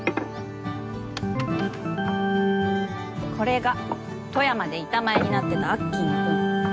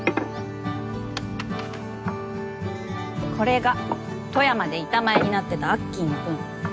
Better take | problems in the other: second | background sound (Organ); 1 dB below the speech

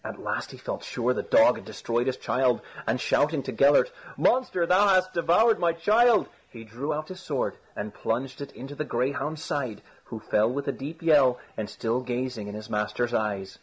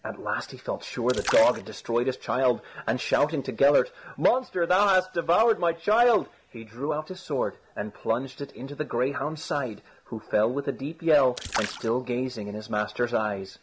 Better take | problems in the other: first | background sound (Splash, splatter); 12 dB below the speech

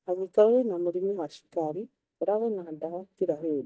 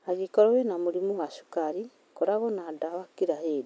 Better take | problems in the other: second | noise reduction (neural mask model DeepFilterNet 3)

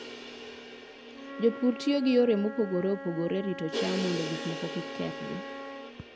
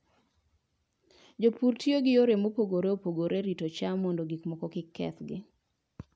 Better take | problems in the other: second | background sound (Crash cymbal + Wind instrument, woodwind instrument); 8 dB below the speech

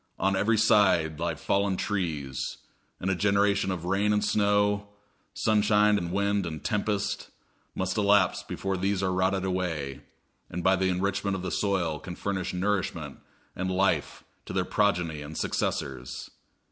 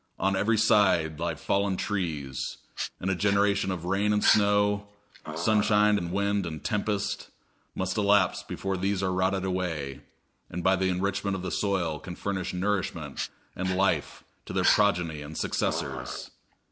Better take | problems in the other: first | background sound (Dog); 8 dB below the speech

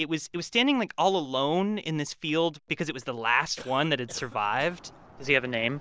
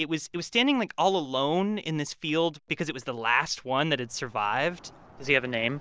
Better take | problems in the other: second | background sound (Cough); 20 dB below the speech

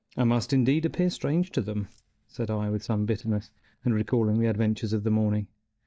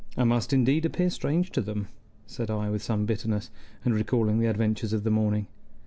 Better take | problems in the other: second | noise reduction (neural mask model DeepFilterNet 3)

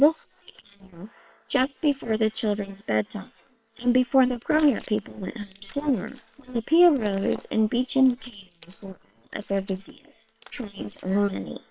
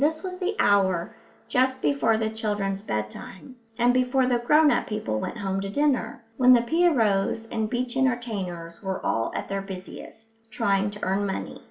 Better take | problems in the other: second | noise reduction (neural separator model SepFormer WHAM!)

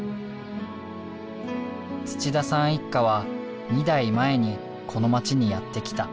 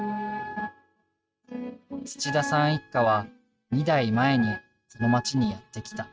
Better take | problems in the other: first | noise reduction (neural mask model RNNoise)

